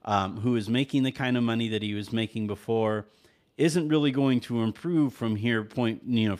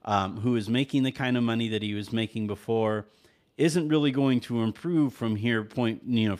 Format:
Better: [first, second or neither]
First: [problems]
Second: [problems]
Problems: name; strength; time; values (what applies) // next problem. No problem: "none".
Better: neither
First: none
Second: none